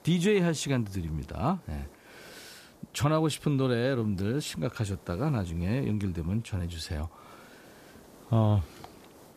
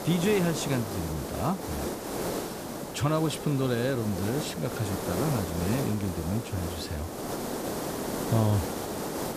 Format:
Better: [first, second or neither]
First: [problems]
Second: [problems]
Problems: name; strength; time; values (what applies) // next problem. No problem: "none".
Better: first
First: hiss; faint; throughout; 25 dB below the speech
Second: hiss; loud; throughout; 4 dB below the speech